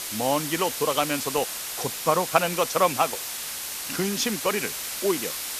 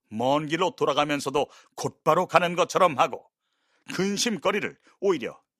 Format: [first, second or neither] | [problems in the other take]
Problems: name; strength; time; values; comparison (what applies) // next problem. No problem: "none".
second | hiss; loud; throughout; 4 dB below the speech